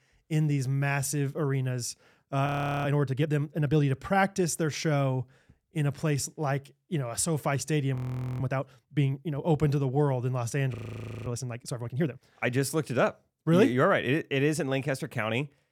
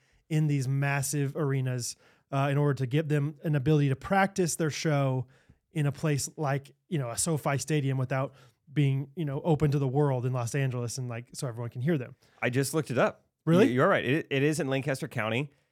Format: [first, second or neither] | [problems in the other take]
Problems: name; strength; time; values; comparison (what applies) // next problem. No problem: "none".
second | audio freezing; at 2.5 s, at 8 s and at 11 s for 0.5 s